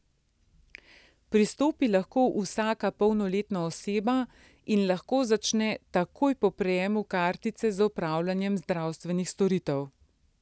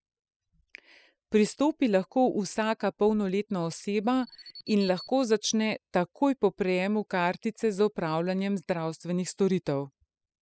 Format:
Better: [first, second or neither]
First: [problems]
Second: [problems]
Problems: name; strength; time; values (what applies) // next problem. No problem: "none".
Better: first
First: none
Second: noise reduction (classical method spectral subtraction)